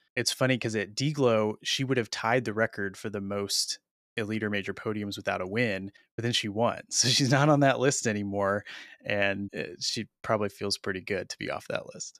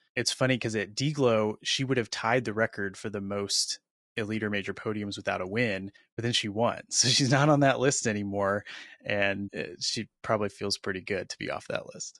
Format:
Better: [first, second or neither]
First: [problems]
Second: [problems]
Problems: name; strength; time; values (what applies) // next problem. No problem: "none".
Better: first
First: none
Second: garbled, watery; slightly; nothing above 10.5 kHz